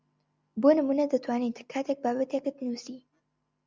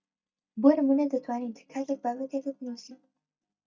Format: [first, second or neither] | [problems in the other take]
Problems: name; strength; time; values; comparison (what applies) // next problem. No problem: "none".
first | noise reduction (neural mask model DeepFilterNet 3)